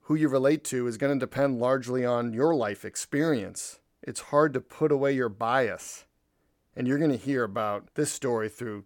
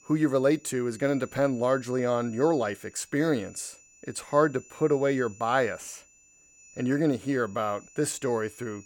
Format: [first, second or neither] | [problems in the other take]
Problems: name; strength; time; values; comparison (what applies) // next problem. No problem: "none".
first | high-pitched whine; faint; throughout; 7 kHz, 25 dB below the speech